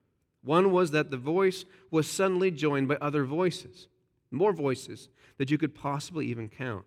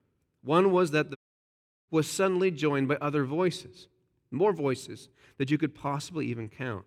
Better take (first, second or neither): first